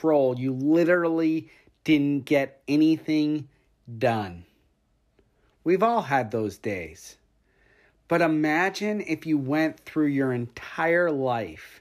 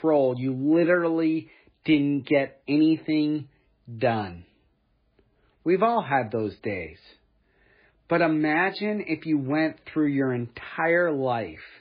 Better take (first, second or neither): first